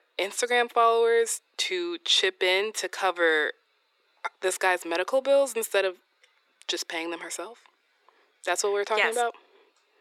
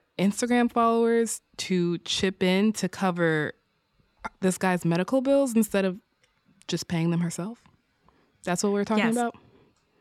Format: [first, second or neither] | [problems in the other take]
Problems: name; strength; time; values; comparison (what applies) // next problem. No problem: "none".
second | thin; very; fading below 350 Hz